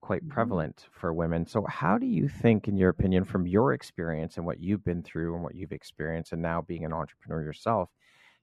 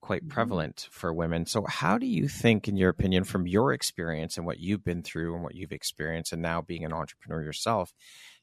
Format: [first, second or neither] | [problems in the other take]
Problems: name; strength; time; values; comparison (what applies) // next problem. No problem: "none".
second | muffled; very; fading above 2.5 kHz